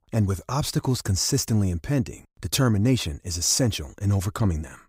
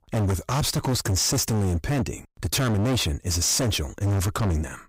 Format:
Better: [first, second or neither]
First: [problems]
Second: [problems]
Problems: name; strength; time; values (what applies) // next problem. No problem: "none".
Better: first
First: none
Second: distortion; heavy; 31% of the sound clipped